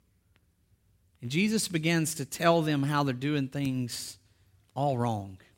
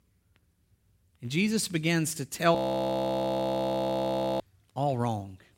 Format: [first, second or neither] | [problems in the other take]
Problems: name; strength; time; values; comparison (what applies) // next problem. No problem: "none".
first | audio freezing; at 2.5 s for 2 s